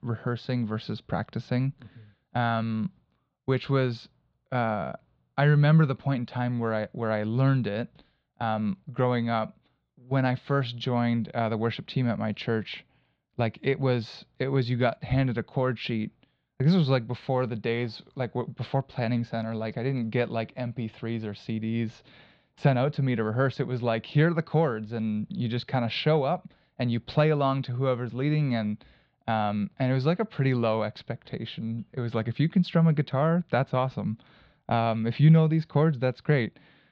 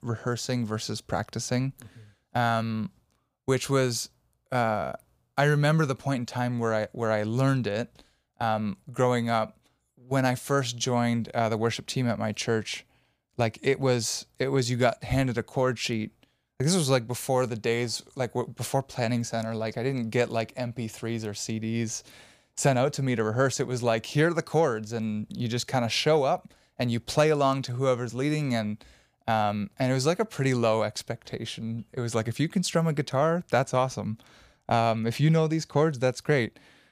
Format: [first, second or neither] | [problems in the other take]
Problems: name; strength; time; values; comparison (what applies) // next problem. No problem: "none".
second | muffled; slightly; fading above 4 kHz